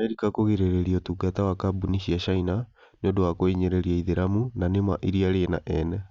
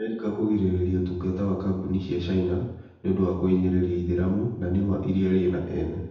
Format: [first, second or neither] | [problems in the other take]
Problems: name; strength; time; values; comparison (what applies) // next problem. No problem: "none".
first | room echo; dies away in 0.8 s